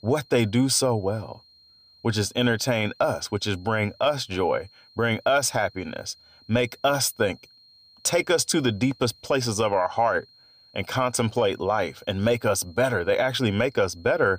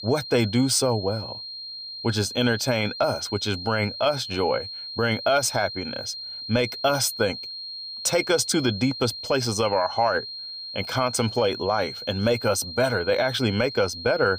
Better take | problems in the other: first | high-pitched whine; loud; throughout; 4 kHz, 9 dB below the speech; faint in the first

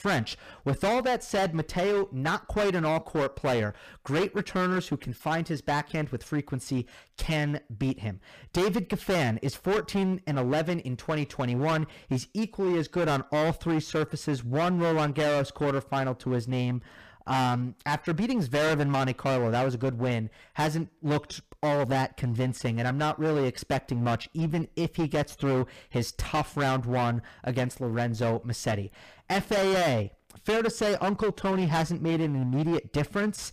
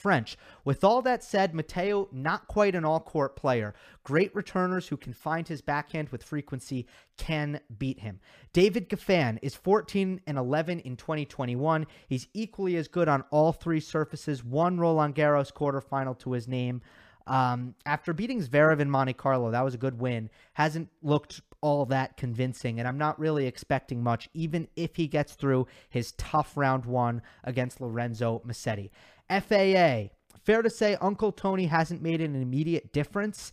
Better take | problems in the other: second | distortion; heavy; 18% of the sound clipped

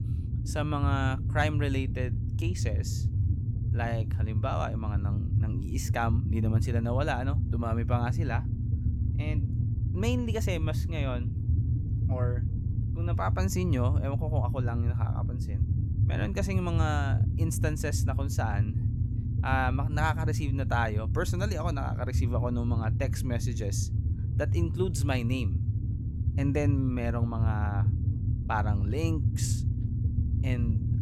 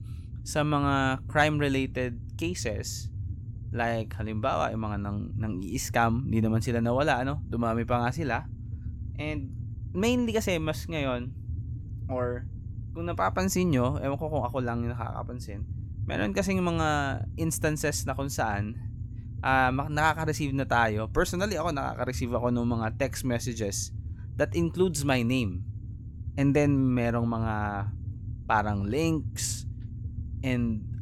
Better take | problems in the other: second | low rumble; loud; throughout; 9 dB below the speech; faint in the second

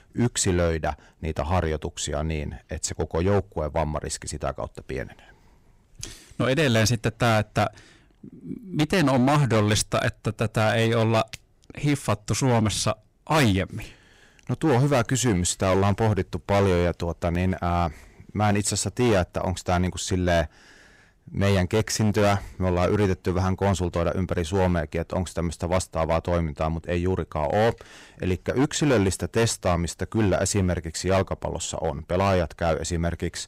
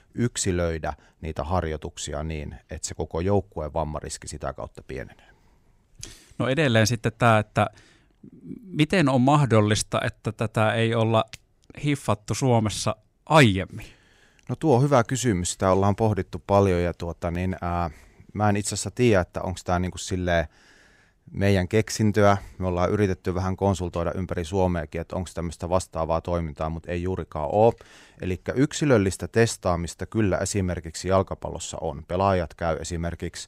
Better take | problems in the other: second | distortion; heavy; 9% of the sound clipped

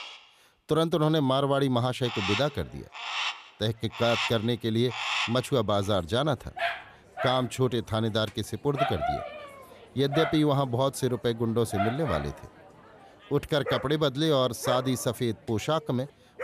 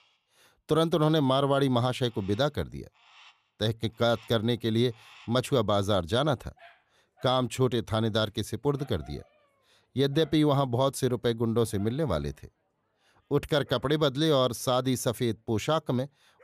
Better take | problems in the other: second | animal sounds; loud; throughout; 5 dB below the speech; faint in the second

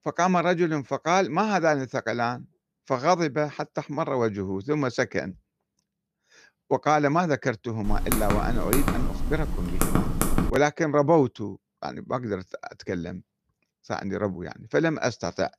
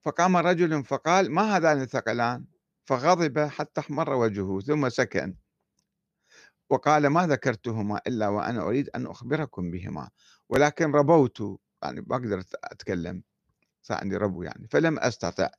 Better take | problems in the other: second | keyboard typing; loud; from 8 to 11 s; peak level with the speech

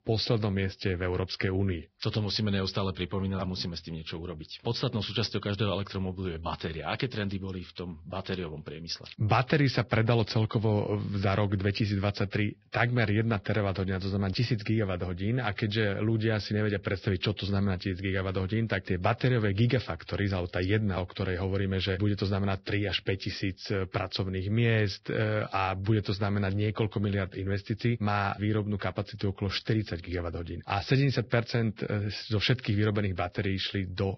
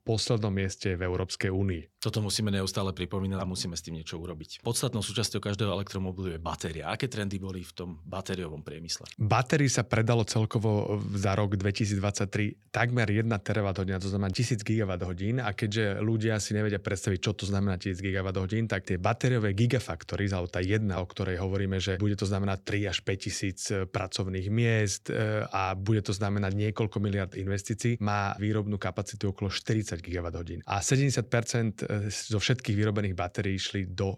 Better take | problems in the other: second | garbled, watery; badly; nothing above 5.5 kHz

